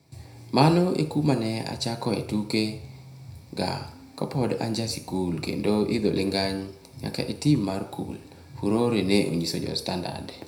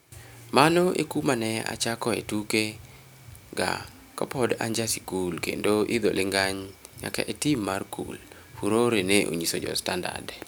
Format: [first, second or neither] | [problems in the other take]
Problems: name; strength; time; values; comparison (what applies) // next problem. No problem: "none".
second | room echo; dies away in 0.5 s